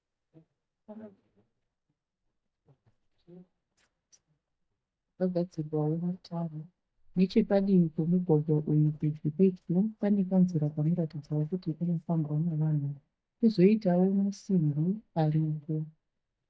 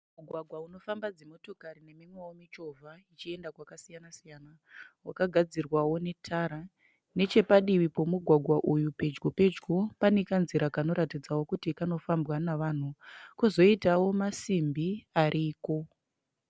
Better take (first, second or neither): second